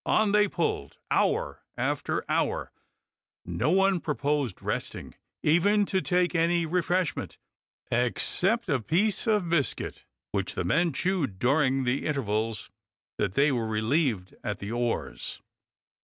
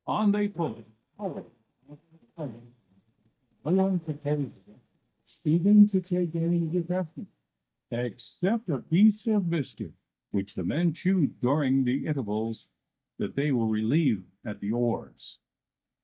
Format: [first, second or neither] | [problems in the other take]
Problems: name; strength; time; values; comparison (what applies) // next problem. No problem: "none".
first | noise reduction (neural mask model DeepFilterNet 3)